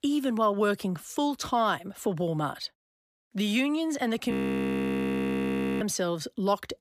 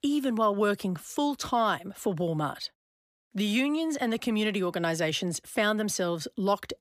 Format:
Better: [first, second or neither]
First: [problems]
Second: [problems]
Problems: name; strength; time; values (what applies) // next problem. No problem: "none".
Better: second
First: audio freezing; at 4.5 s for 1.5 s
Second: none